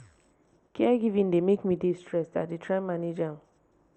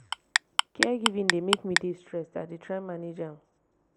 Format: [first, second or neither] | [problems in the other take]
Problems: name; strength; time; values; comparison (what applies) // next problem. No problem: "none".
first | background sound (Clock); 5 dB above the speech